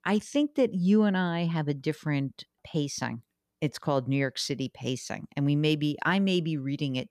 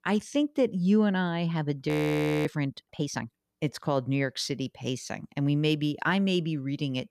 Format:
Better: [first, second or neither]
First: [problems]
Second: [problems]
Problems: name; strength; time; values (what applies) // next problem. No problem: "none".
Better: first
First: none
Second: audio freezing; at 2 s for 0.5 s